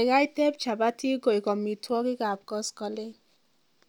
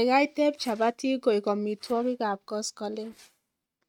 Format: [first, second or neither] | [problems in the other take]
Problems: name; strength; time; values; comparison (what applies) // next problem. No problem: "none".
first | noise reduction (neural mask model RNNoise)